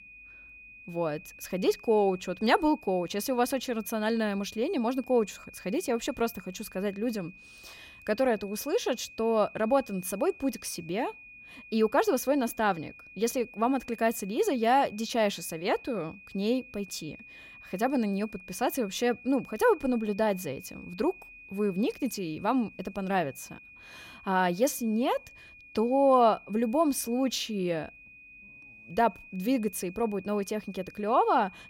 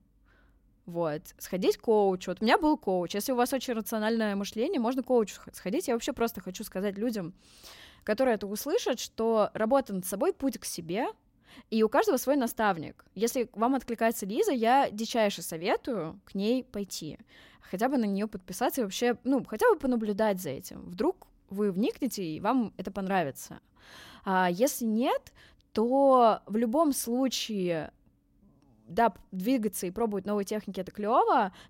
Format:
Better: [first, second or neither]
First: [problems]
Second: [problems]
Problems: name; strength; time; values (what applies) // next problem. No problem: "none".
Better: second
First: high-pitched whine; noticeable; throughout; 2.5 kHz, 20 dB below the speech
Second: none